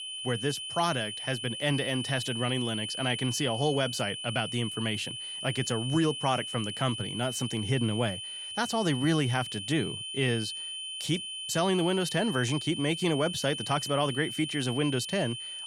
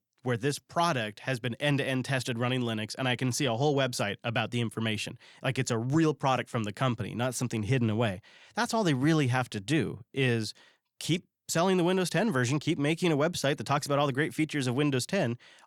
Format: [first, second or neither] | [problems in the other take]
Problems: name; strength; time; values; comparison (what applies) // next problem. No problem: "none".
second | high-pitched whine; loud; throughout; 3 kHz, 5 dB below the speech